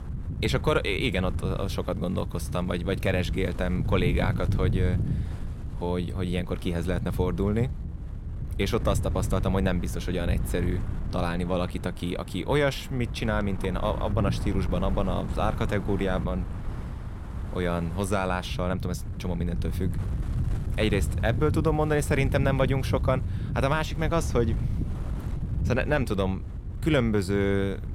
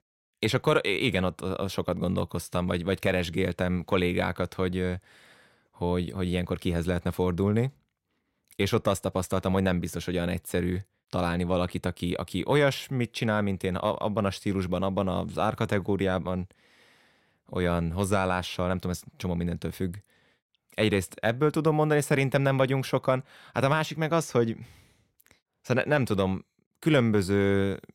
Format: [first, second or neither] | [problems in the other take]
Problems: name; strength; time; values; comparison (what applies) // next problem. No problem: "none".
second | wind noise on the microphone; occasional gusts; 15 dB below the speech